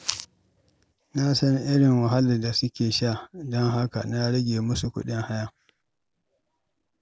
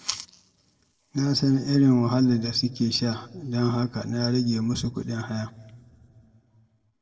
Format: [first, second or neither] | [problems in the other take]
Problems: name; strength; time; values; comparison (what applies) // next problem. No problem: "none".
first | room echo; dies away in 1.4 s